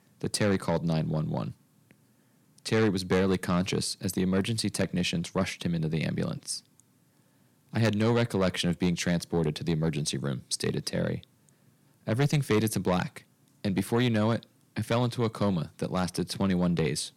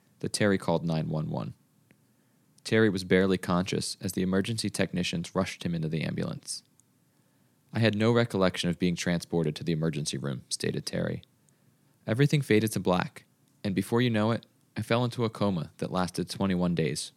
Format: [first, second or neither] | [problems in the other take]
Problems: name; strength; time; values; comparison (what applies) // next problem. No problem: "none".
second | distortion; slight; 10 dB below the speech